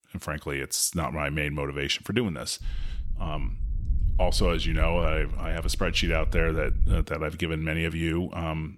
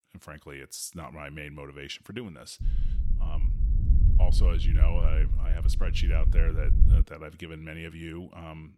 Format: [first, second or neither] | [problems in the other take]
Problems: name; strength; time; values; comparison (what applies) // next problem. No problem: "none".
first | wind noise on the microphone; heavy; from 2.5 to 7 s; 6 dB below the speech; occasional gusts in the first